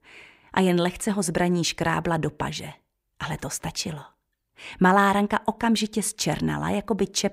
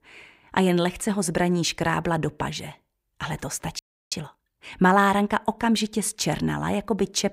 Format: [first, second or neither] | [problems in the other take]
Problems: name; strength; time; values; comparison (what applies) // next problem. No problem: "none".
first | audio freezing; at 4 s